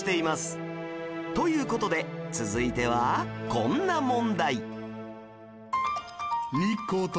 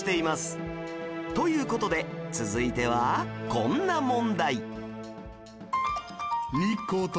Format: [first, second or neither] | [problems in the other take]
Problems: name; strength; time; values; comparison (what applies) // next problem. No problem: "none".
first | background sound (Drum kit); 20 dB below the speech